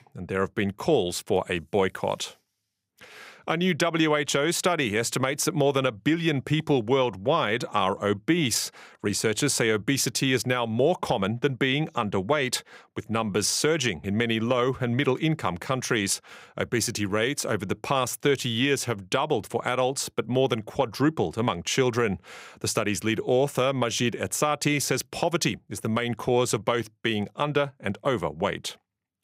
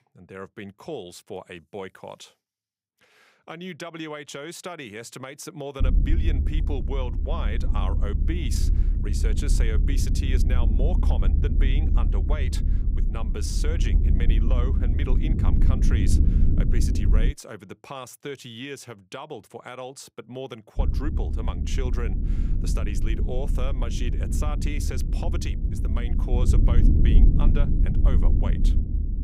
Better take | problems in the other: first | low rumble; loud; from 6 to 17 s and from 21 s on; 3 dB below the speech

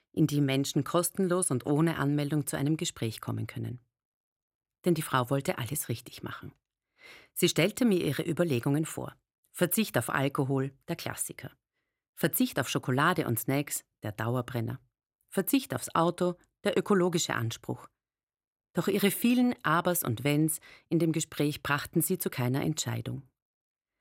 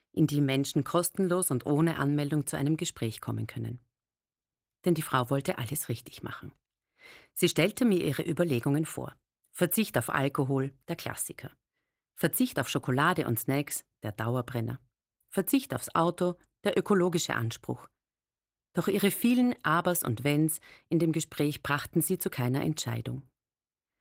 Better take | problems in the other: first | garbled, watery; slightly; nothing above 16 kHz

